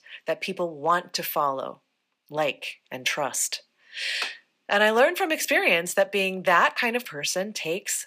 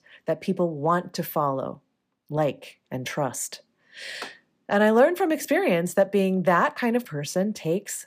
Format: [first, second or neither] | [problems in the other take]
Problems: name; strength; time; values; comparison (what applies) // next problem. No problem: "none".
second | thin; somewhat; fading below 900 Hz